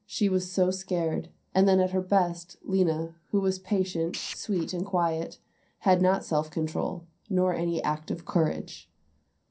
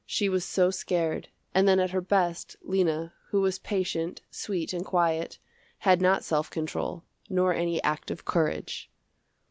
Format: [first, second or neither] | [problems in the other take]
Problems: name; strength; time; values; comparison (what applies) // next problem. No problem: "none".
second | background sound (Tools); 13 dB below the speech // room echo; dies away in 0.3 s